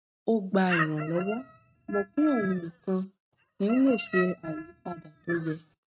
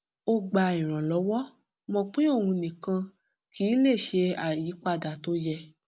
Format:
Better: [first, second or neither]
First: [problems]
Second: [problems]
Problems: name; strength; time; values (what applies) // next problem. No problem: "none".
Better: second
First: noise reduction (neural mask model RNNoise)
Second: none